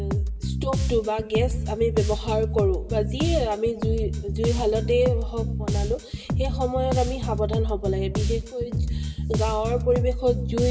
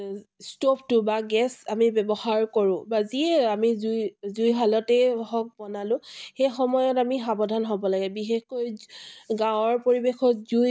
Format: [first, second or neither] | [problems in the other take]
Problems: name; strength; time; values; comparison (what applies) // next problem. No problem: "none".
second | background sound (Bass guitar); as loud as the speech // room echo; dies away in 2.2 s